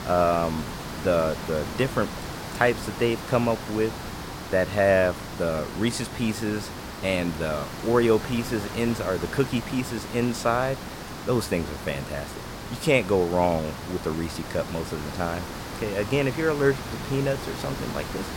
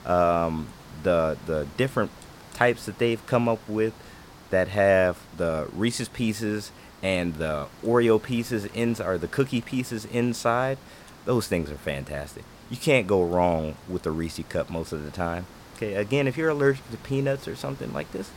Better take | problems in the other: second | hiss; loud; throughout; 9 dB below the speech; faint in the second

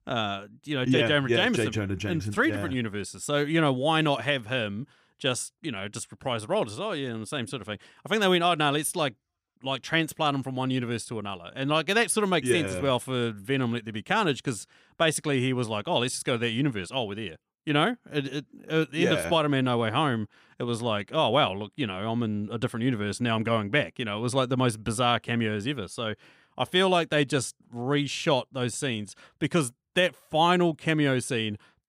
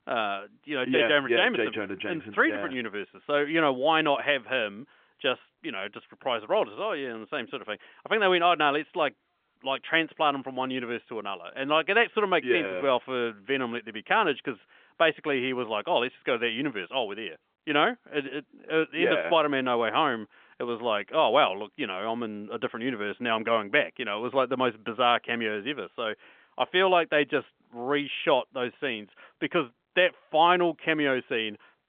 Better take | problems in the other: first | phone-call audio; nothing above 3.5 kHz

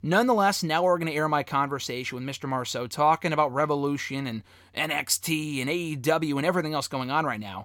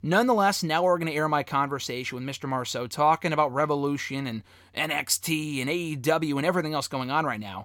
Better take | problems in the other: neither | none

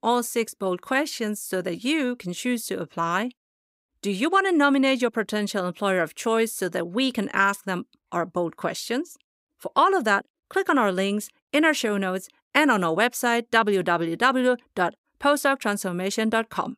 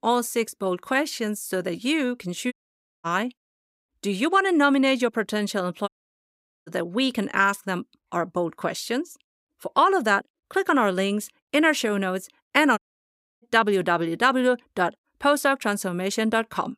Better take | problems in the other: first | audio cutting out; at 2.5 s for 0.5 s, at 6 s for 1 s and at 13 s for 0.5 s

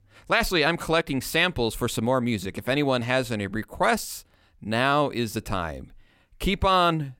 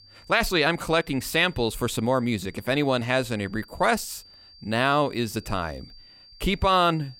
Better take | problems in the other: first | high-pitched whine; faint; throughout; 4.5 kHz, 25 dB below the speech

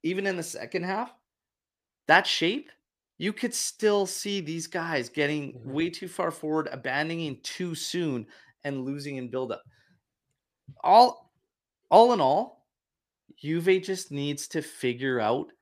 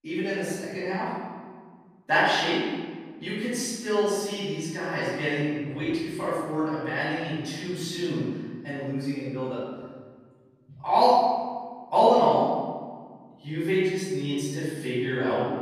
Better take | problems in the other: first | room echo; strong; dies away in 1.5 s // off-mic speech; far

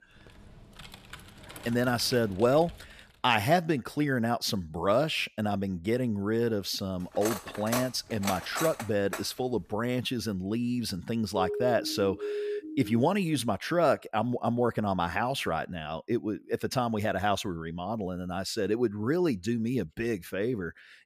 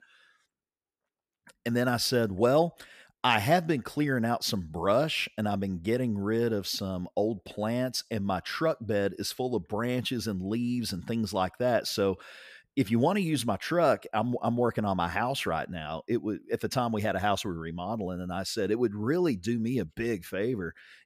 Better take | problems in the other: second | keyboard typing; faint; until 3 s; peak 15 dB below the speech // clattering dishes; noticeable; from 7 to 9 s; peak 5 dB below the speech // siren; noticeable; from 11 to 13 s; peak 4 dB below the speech

